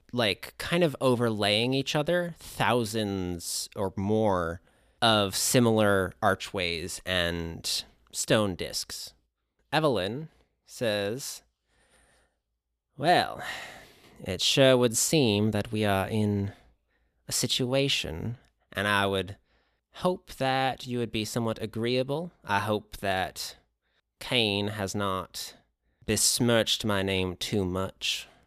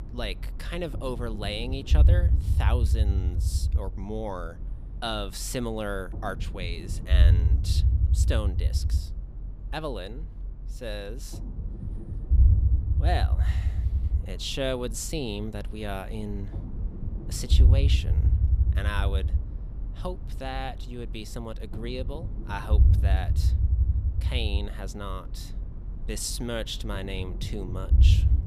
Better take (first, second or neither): first